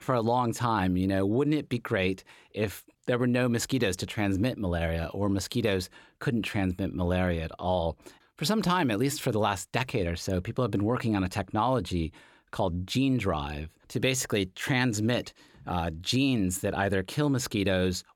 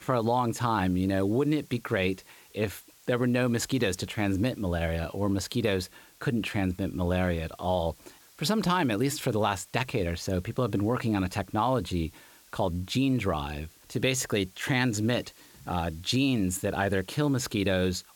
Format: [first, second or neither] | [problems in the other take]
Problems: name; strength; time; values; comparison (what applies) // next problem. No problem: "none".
first | hiss; faint; throughout; 25 dB below the speech